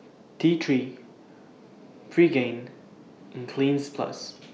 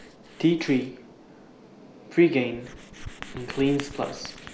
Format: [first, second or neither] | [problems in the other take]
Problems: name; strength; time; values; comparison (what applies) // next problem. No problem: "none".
first | background sound (Writing); 17 dB below the speech